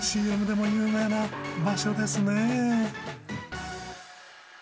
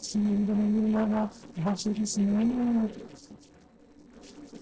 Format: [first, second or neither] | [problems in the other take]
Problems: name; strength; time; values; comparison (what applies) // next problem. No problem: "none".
first | noise reduction (neural separator model SepFormer DNS4)